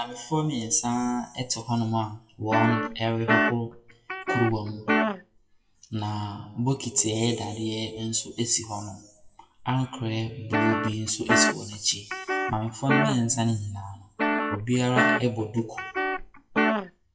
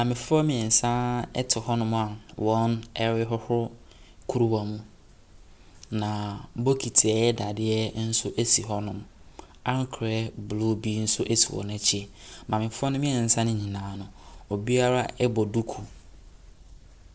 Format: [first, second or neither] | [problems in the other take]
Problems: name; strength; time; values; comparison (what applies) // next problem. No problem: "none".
second | noise reduction (classical method WPE with log-MMSE)